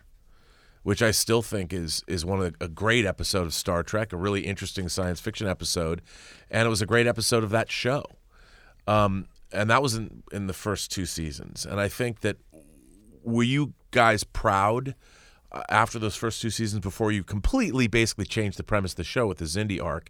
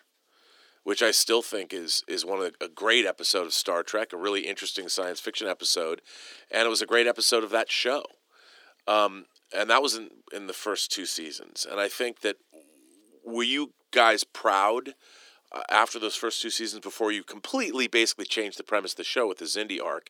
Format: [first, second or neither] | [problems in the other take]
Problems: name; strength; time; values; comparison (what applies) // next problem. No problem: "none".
first | thin; somewhat; fading below 300 Hz